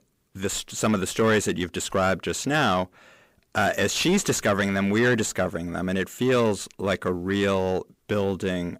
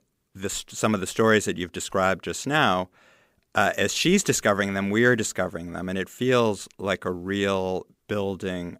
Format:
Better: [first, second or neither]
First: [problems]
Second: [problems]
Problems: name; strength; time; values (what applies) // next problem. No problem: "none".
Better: second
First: distortion; slight; 10 dB below the speech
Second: none